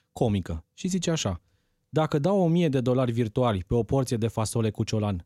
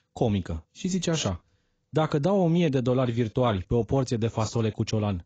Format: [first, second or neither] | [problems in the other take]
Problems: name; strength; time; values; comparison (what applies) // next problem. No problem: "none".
first | garbled, watery; badly; nothing above 7.5 kHz